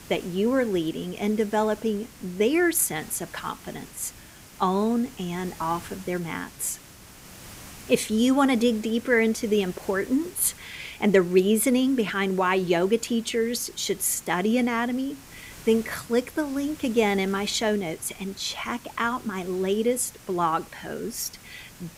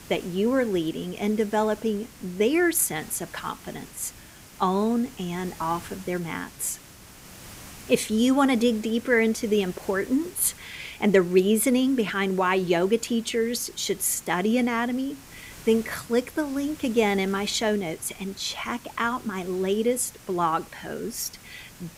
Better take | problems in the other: neither | hiss; noticeable; throughout; 20 dB below the speech; the same in both

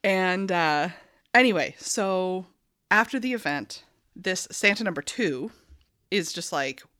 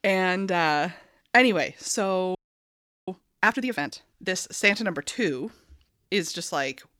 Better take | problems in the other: first | audio freezing; at 2.5 s for 0.5 s

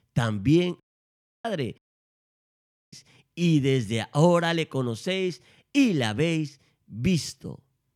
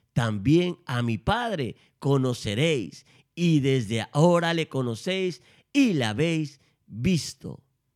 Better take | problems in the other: second | audio cutting out; at 1 s for 0.5 s and at 2 s for 1 s

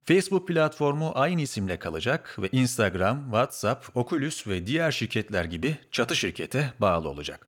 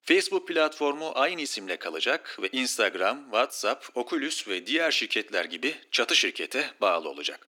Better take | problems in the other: first | thin; somewhat; fading below 300 Hz

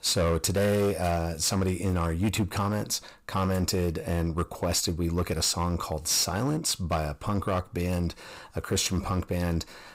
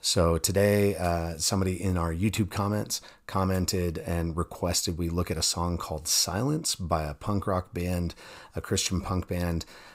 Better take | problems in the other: second | distortion; slight; 11% of the sound clipped

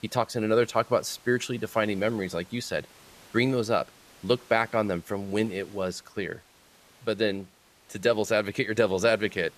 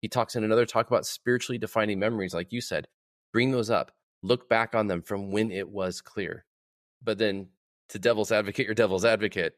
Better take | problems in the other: second | hiss; faint; throughout; 25 dB below the speech

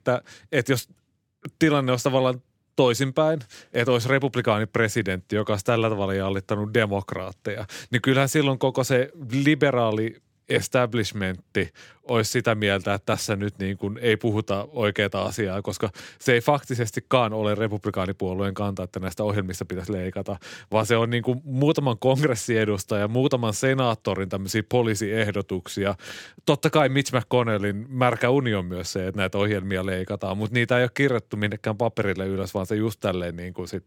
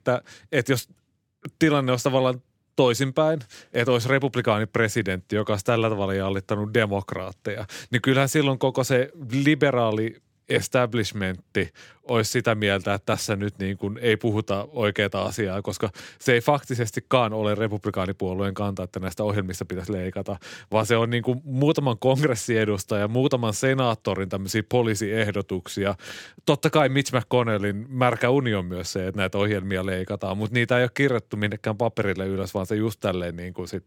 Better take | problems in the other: neither | none

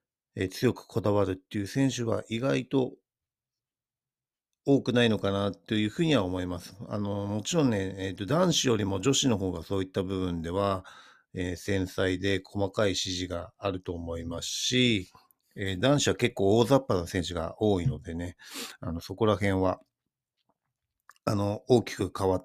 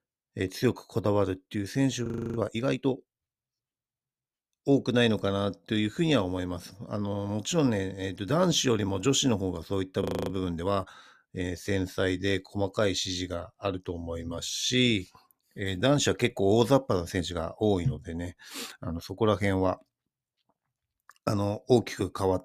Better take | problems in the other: first | audio freezing; at 2 s and at 10 s

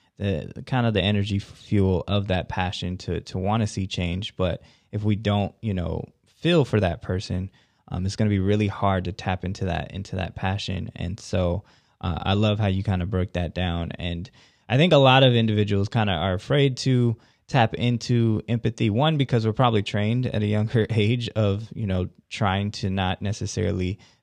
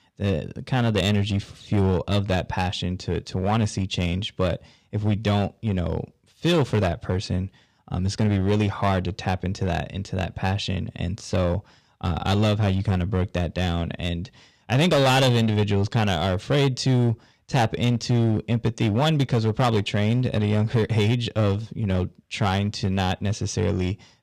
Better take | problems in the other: first | distortion; slight; 8% of the sound clipped

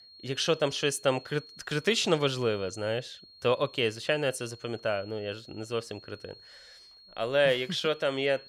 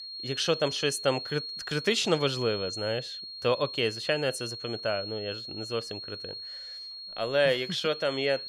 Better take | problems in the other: first | high-pitched whine; loud; throughout; 4.5 kHz, 8 dB below the speech; faint in the first

